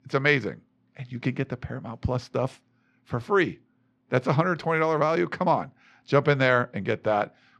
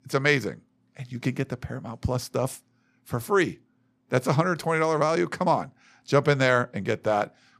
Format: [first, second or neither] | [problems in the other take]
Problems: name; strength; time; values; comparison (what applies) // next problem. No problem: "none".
second | muffled; very slightly; fading above 3 kHz